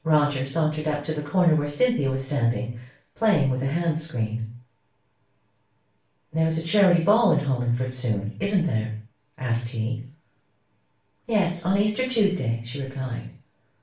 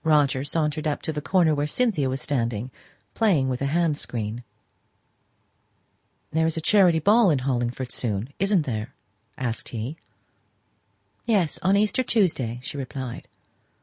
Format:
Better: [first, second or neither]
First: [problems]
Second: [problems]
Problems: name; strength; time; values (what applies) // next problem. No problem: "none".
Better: second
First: room echo; dies away in 0.4 s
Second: none